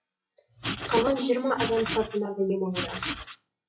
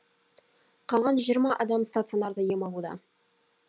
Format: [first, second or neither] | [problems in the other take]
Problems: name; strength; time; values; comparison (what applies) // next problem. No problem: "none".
second | noise reduction (classical method WPE with log-MMSE)